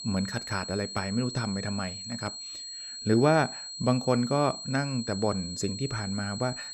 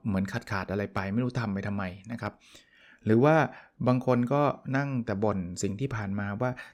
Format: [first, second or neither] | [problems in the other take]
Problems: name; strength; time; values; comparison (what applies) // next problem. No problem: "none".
second | high-pitched whine; loud; throughout; 4 kHz, 8 dB below the speech